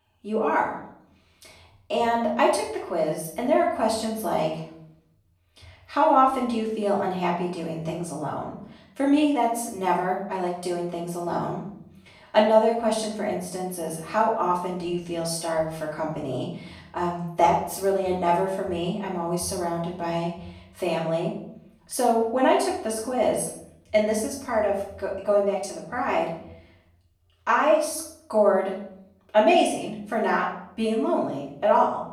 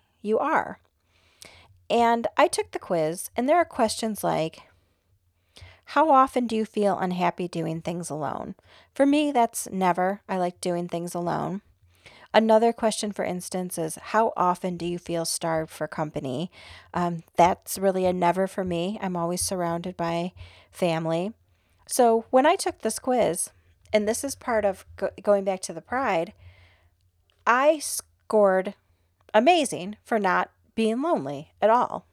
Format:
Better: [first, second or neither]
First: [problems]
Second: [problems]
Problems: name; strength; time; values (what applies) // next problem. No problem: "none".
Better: second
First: off-mic speech; far // room echo; noticeable; dies away in 0.6 s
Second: none